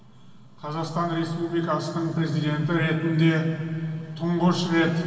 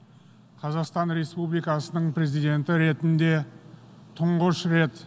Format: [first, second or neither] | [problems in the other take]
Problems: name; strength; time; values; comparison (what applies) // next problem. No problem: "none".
second | room echo; dies away in 2.5 s